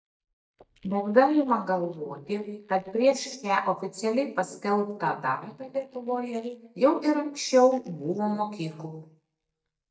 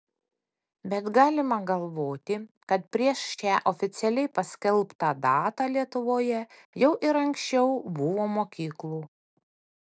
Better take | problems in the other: second | noise reduction (neural mask model DeepFilterNet 3)

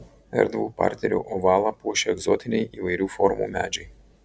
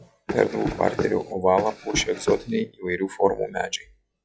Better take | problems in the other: first | noise reduction (classical method log-MMSE)

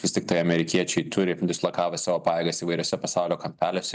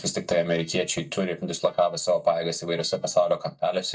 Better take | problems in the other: first | noise reduction (neural mask model DeepFilterNet 3)

